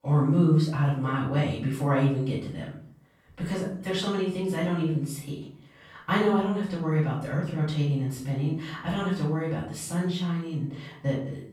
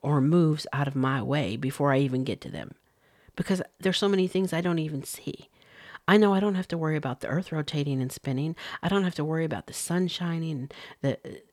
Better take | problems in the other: second | off-mic speech; far // room echo; noticeable; dies away in 0.5 s

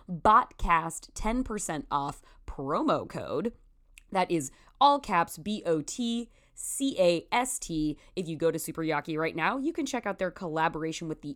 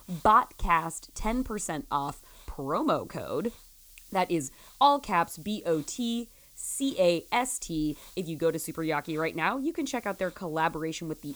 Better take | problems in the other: first | hiss; faint; throughout; 20 dB below the speech

